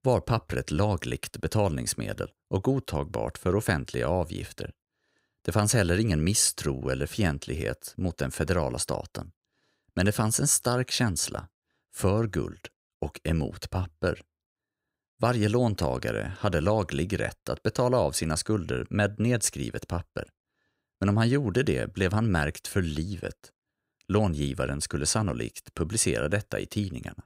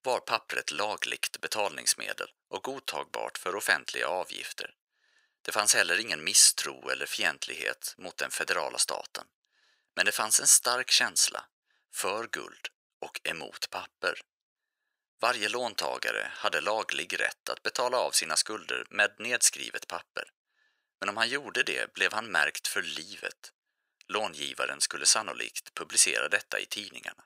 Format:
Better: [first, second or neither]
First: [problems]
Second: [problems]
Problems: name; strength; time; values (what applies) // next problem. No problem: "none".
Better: first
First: none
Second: thin; very; fading below 800 Hz